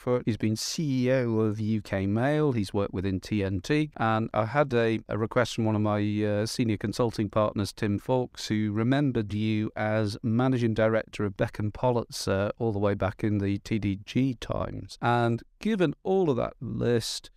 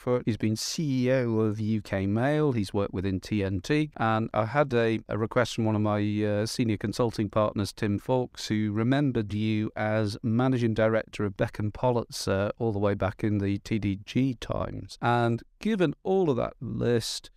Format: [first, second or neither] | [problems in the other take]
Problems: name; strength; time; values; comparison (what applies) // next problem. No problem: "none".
neither | none